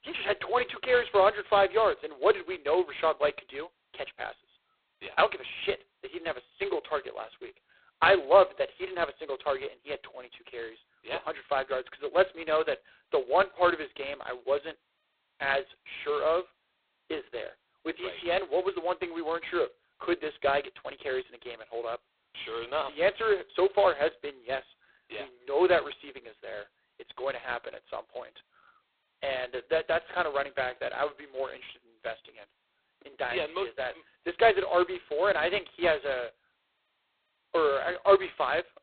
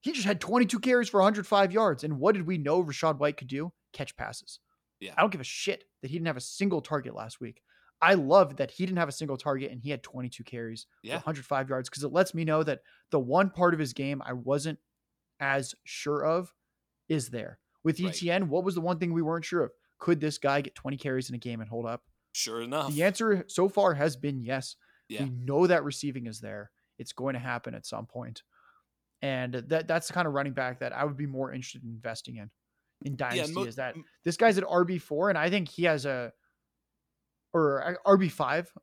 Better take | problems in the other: second | phone-call audio; poor line; nothing above 4 kHz

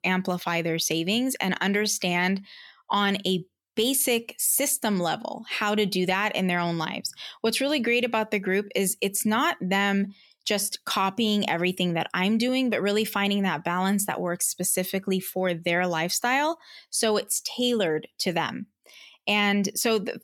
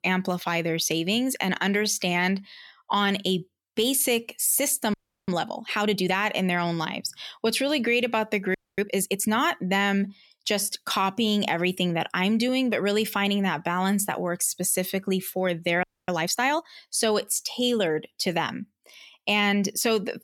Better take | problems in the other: first | audio freezing; at 5 s, at 8.5 s and at 16 s

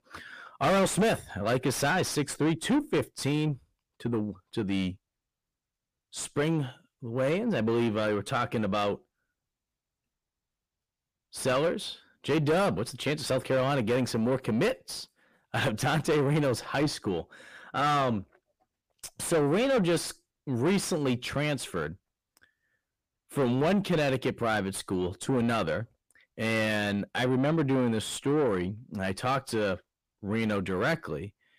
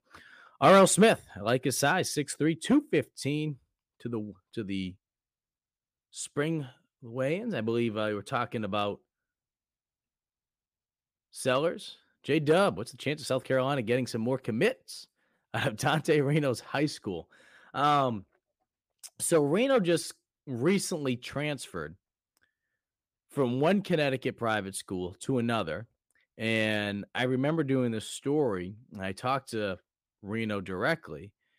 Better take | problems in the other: second | distortion; heavy; 7 dB below the speech

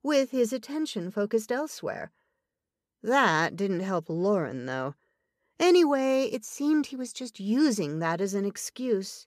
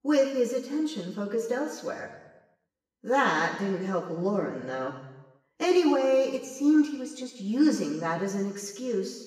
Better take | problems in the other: first | room echo; noticeable; dies away in 1 s // off-mic speech; far

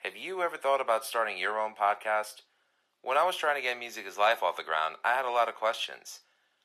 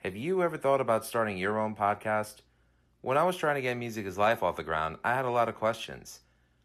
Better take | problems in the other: second | thin; very; fading below 700 Hz

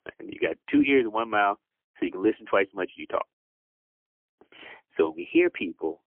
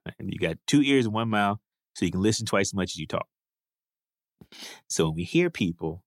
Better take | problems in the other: second | phone-call audio; poor line; nothing above 3 kHz

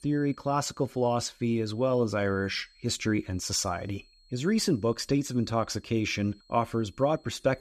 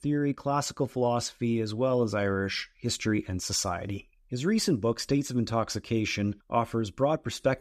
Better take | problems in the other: second | high-pitched whine; faint; throughout; 4 kHz, 30 dB below the speech

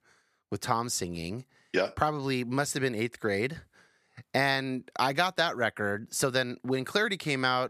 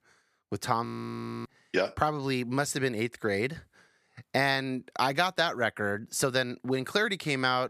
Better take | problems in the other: first | audio freezing; at 1 s for 0.5 s

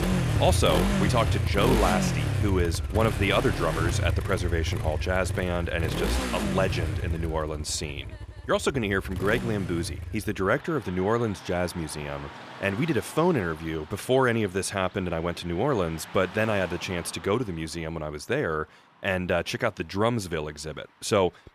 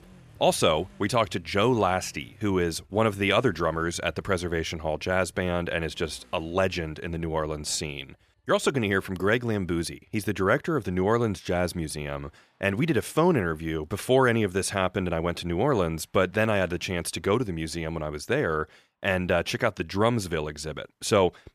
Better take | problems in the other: second | traffic noise; loud; throughout; 2 dB below the speech; faint in the second

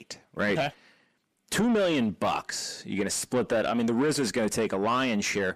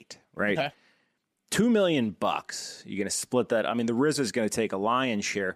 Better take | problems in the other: second | distortion; slight; 10 dB below the speech

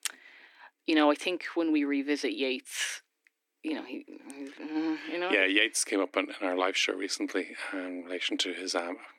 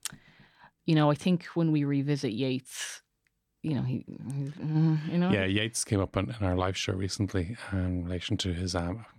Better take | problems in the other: second | thin; somewhat; fading below 300 Hz

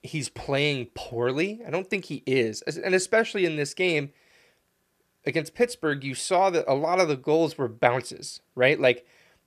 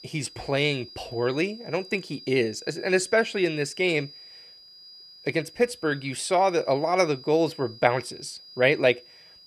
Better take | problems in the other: first | high-pitched whine; noticeable; throughout; 5 kHz, 20 dB below the speech

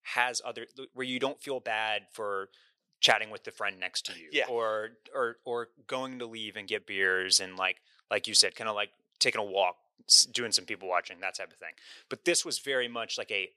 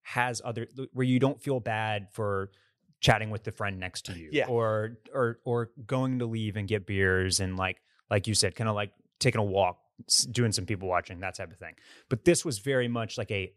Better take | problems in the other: second | thin; somewhat; fading below 450 Hz

